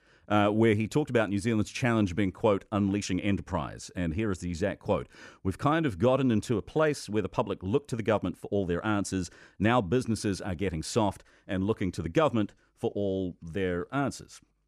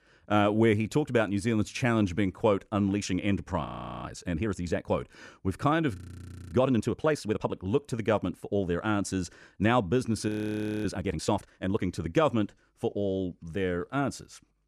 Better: first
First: none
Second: audio freezing; at 3.5 s, at 6 s for 0.5 s and at 10 s for 0.5 s

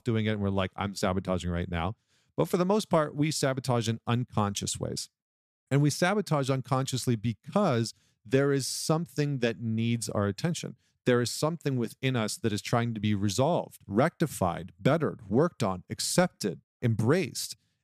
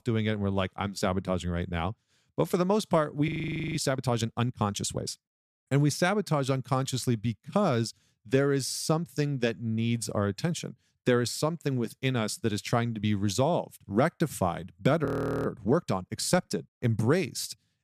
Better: first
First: none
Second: audio freezing; at 3.5 s and at 15 s

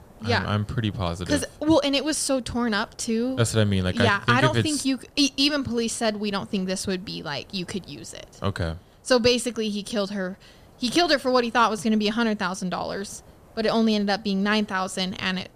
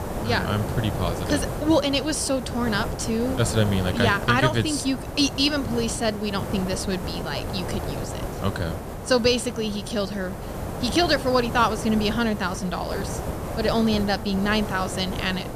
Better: first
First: hiss; faint; throughout; 30 dB below the speech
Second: hiss; loud; throughout; 7 dB below the speech

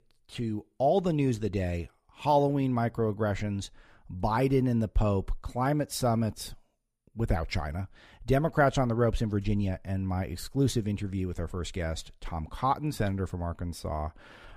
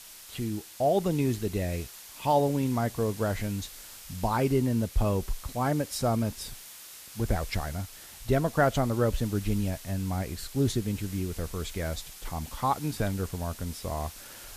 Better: first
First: none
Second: hiss; noticeable; throughout; 15 dB below the speech

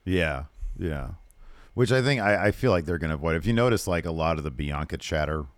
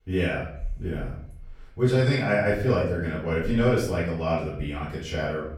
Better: first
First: none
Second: off-mic speech; far // room echo; noticeable; dies away in 0.6 s

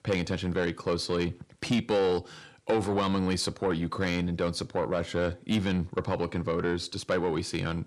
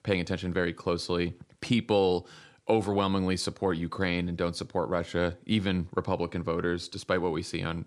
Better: second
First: distortion; slight; 10 dB below the speech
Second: none

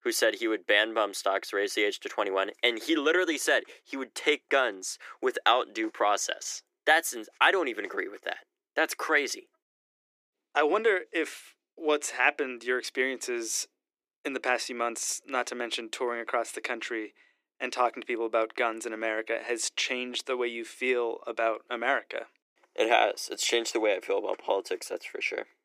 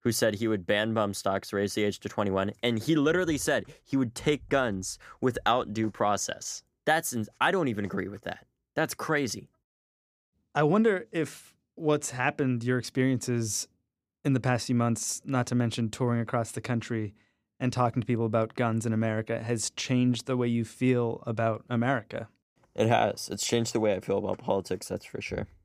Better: second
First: thin; very; fading below 350 Hz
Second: none

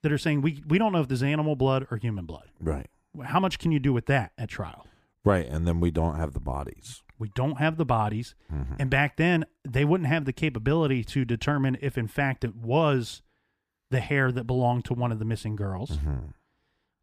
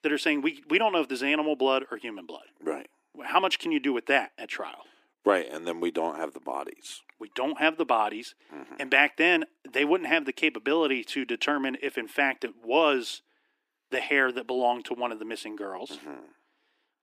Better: first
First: none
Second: thin; somewhat; fading below 300 Hz

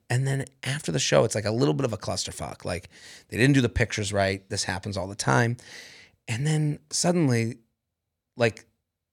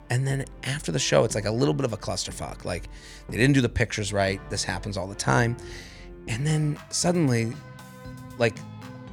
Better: first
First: none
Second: background music; noticeable; throughout; 20 dB below the speech

